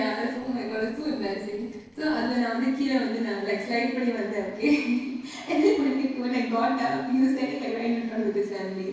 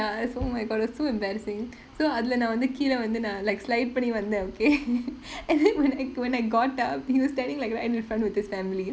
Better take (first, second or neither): second